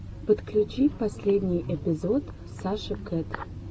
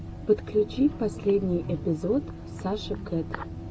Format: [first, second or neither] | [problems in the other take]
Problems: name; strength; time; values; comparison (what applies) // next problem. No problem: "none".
first | background sound (Bowed string instrument); 16 dB below the speech